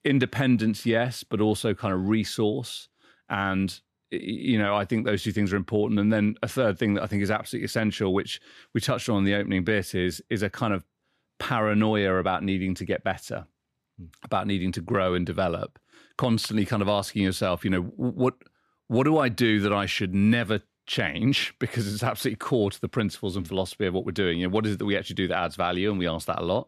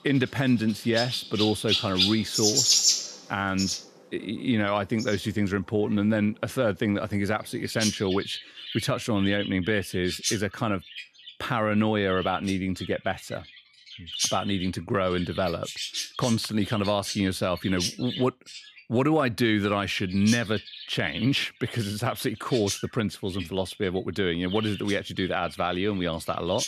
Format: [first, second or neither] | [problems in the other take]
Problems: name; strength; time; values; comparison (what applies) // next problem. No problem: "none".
first | animal sounds; loud; throughout; 2 dB below the speech